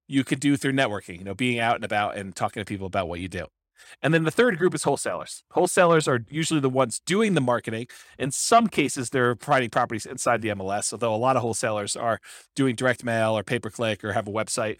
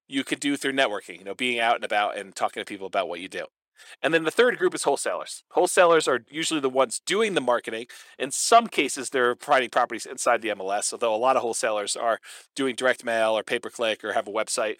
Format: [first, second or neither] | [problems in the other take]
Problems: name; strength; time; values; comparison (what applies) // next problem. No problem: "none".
first | thin; somewhat; fading below 400 Hz